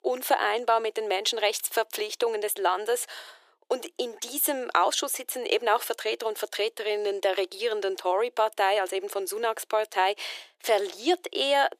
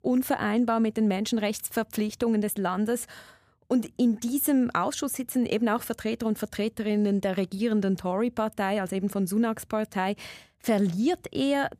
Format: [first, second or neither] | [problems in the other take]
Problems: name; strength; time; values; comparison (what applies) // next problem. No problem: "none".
second | thin; very; fading below 350 Hz